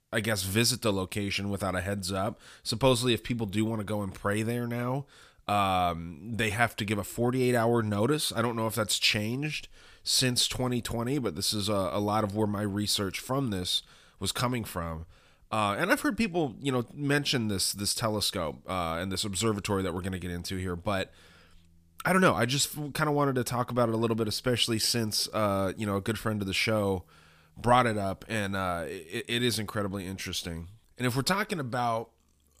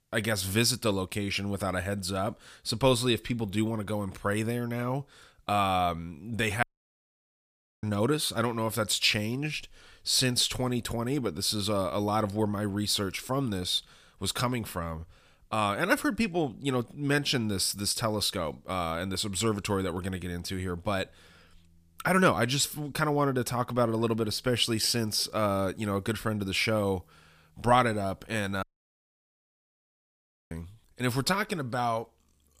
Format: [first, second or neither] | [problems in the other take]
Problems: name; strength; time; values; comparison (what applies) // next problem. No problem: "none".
first | audio cutting out; at 6.5 s for 1 s and at 29 s for 2 s